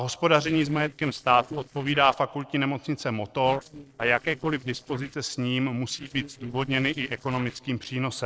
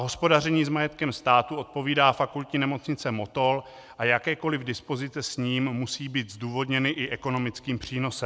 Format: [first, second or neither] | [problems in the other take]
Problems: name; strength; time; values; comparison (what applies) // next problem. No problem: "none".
second | noise reduction (neural separator model SepFormer DNS4)